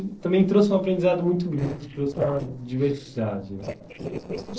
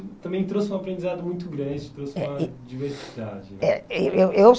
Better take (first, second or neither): second